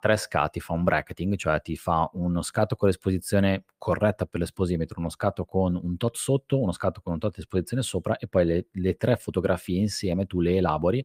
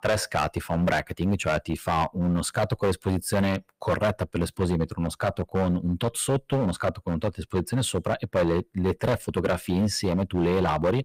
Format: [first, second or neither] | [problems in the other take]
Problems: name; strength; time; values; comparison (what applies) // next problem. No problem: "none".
first | distortion; heavy; 10% of the sound clipped